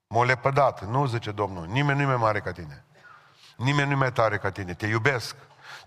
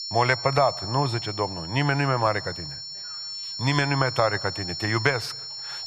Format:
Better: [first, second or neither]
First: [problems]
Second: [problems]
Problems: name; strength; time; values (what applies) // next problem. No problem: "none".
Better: first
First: none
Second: high-pitched whine; loud; throughout; 5.5 kHz, 7 dB below the speech